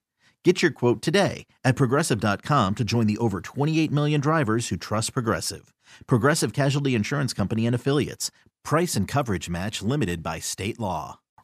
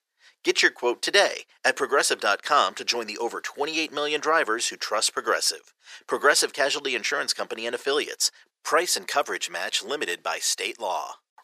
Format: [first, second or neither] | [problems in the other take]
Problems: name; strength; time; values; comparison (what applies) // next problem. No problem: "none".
first | thin; very; fading below 450 Hz